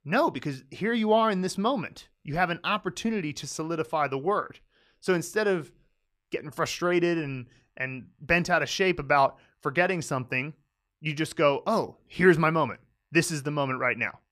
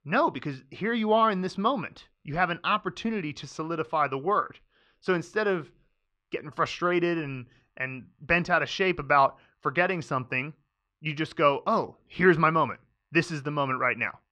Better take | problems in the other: first | muffled; very slightly; fading above 3.5 kHz

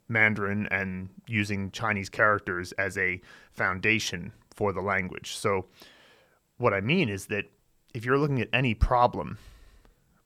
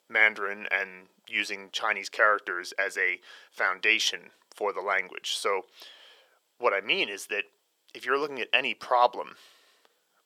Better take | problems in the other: first | thin; very; fading below 450 Hz

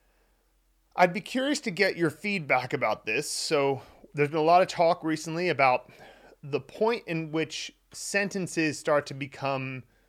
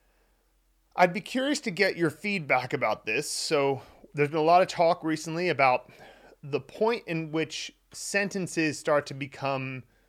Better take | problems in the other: neither | none

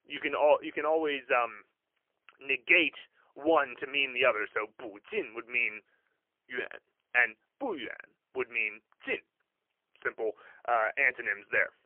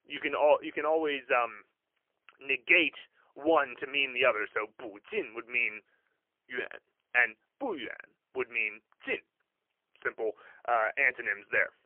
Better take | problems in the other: neither | phone-call audio; poor line; nothing above 3 kHz; the same in both

